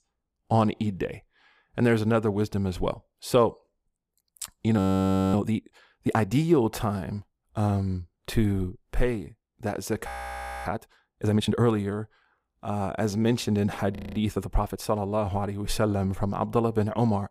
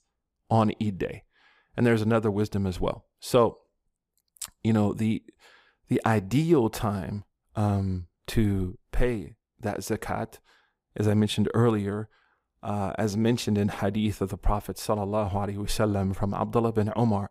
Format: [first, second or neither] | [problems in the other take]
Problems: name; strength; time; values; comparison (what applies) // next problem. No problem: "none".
second | audio freezing; at 5 s for 0.5 s, at 10 s for 0.5 s and at 14 s